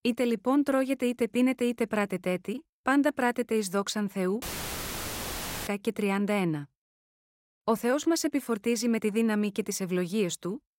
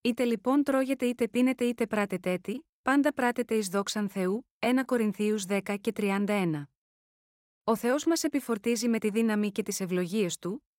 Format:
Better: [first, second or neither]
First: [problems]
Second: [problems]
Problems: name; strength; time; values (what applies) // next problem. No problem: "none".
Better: second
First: audio cutting out; filled with static; at 4.5 s for 1.5 s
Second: none